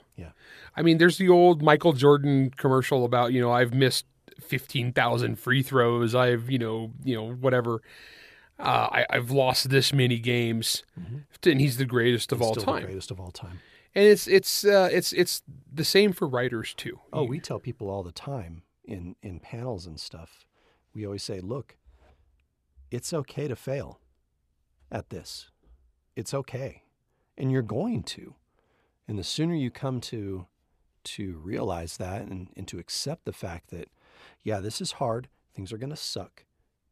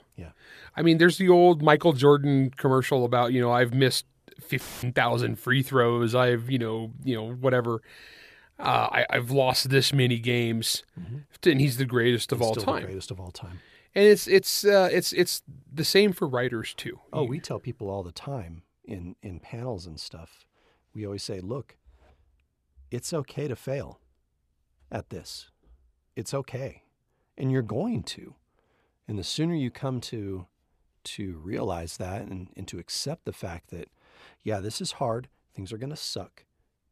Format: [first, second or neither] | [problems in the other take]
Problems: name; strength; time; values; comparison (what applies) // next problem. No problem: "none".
first | audio cutting out; filled with static; at 4.5 s